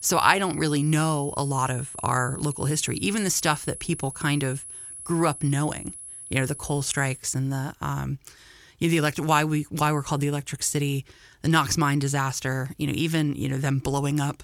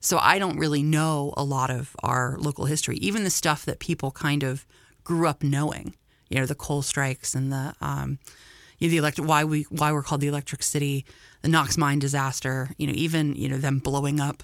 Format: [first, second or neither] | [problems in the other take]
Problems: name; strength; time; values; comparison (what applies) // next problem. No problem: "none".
second | high-pitched whine; noticeable; until 7 s; 10.5 kHz, 10 dB below the speech